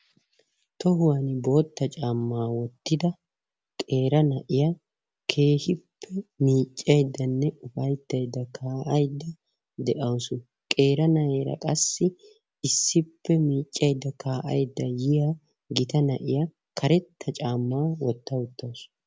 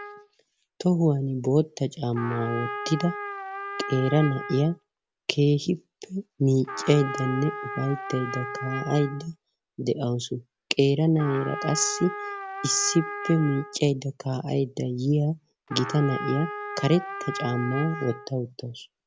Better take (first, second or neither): first